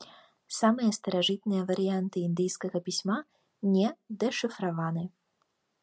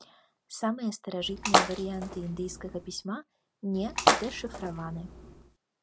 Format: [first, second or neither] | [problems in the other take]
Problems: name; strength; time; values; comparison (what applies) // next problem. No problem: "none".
first | background sound (Splash, splatter); 5 dB above the speech